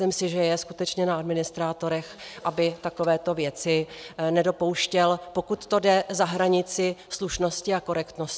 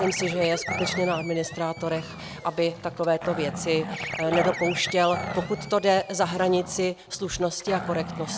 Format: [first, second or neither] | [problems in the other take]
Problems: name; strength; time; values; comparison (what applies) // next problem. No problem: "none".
first | background sound (Growling + Animal); 8 dB below the speech